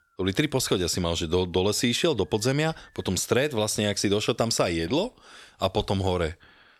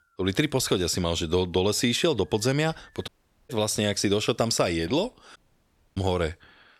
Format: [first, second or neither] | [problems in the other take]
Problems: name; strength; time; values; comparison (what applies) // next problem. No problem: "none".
first | audio cutting out; at 3 s and at 5.5 s for 0.5 s